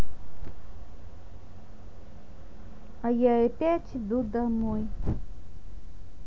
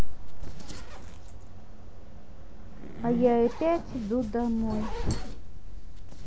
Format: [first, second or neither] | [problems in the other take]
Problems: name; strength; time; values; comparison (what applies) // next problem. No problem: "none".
first | background sound (Zipper (clothing)); 17 dB below the speech